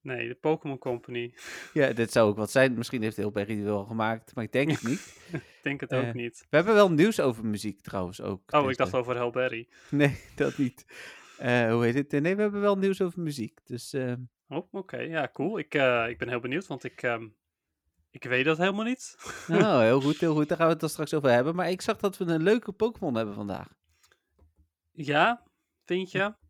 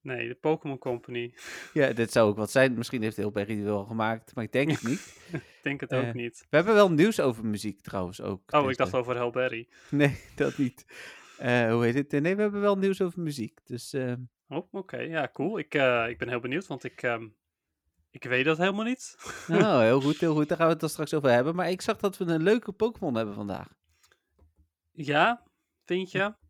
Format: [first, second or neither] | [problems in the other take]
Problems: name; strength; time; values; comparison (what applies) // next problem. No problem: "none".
neither | none